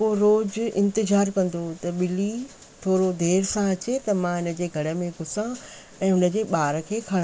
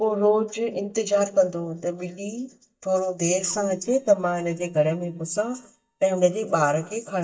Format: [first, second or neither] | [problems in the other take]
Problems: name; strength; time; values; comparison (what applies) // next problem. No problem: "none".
first | noise reduction (neural mask model DeepFilterNet 3)